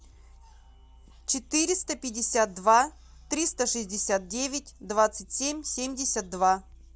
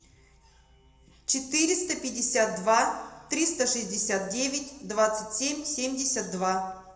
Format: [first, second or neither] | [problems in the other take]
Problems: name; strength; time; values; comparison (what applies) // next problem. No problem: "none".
first | room echo; dies away in 0.8 s